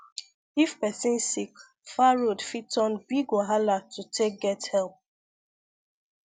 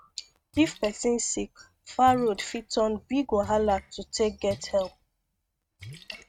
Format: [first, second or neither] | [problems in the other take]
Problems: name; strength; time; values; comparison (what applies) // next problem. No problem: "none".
first | noise reduction (neural mask model RNNoise)